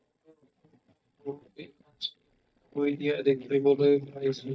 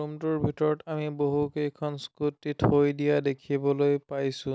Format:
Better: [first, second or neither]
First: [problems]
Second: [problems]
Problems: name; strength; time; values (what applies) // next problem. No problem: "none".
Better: second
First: noise reduction (neural mask model DeepFilterNet 3)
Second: none